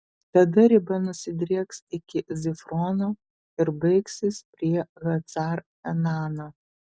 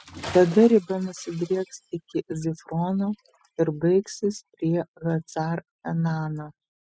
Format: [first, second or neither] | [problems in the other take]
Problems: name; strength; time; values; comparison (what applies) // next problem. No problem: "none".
first | noise reduction (classical method spectral subtraction)